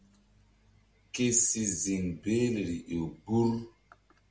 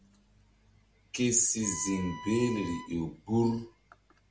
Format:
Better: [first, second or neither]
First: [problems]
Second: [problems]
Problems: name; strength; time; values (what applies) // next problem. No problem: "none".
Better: first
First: none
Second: background sound (Wind instrument, woodwind instrument); 13 dB below the speech